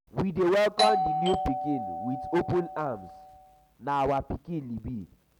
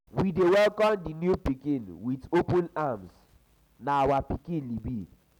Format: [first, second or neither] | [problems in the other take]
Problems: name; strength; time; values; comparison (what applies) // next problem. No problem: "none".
second | background sound (Doorbell); 2 dB below the speech